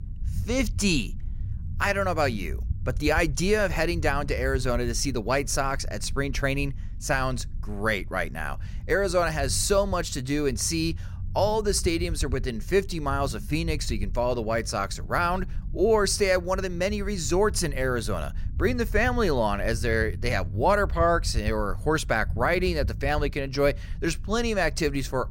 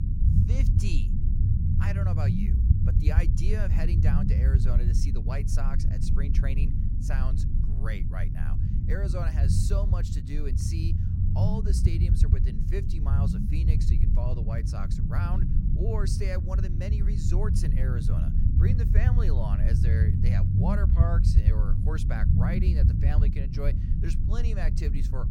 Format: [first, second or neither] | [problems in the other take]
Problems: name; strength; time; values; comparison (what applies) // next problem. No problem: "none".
first | low rumble; loud; throughout; as loud as the speech; faint in the first